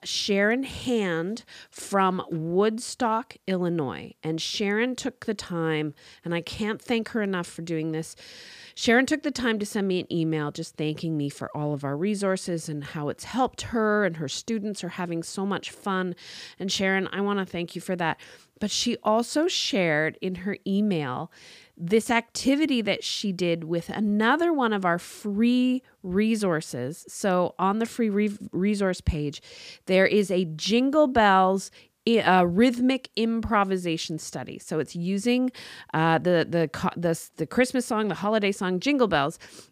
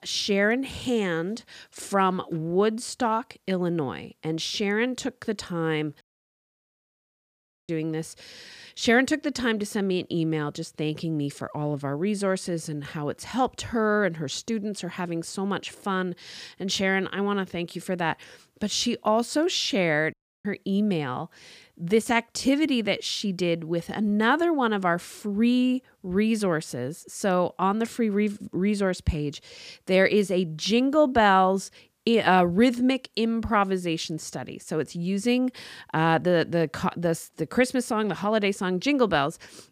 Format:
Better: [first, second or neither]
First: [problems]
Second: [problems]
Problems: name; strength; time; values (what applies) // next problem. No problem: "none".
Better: first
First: none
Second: audio cutting out; at 6 s for 1.5 s and at 20 s